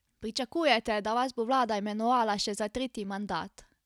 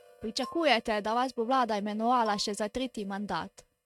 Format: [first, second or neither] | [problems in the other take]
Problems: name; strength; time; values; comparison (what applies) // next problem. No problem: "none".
first | noise reduction (neural mask model RNNoise)